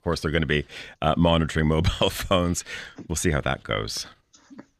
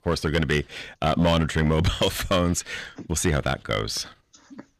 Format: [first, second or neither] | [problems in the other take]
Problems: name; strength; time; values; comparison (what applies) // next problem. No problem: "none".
first | distortion; slight; 5% of the sound clipped